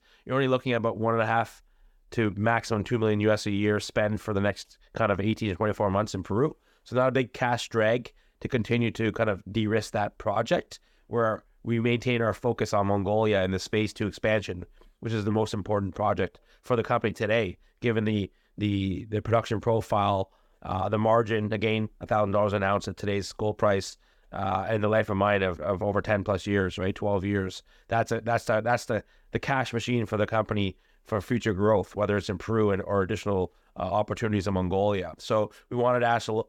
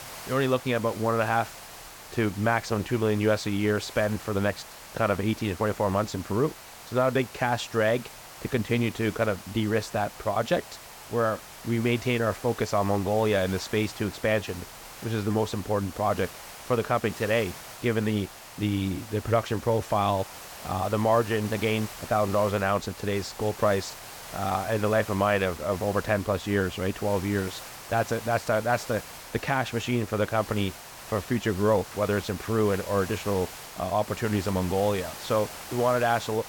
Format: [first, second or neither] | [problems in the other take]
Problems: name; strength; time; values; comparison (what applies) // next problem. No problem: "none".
first | hiss; noticeable; throughout; 15 dB below the speech